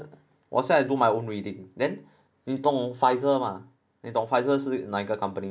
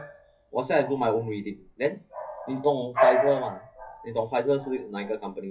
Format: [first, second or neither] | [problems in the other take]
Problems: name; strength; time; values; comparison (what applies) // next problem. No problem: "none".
first | noise reduction (classical method WPE with log-MMSE)